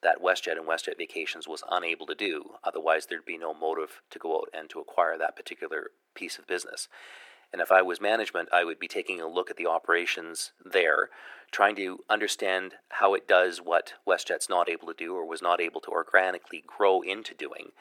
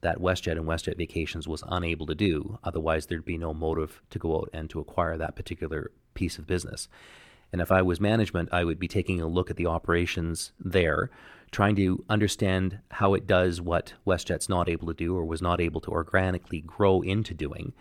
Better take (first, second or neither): second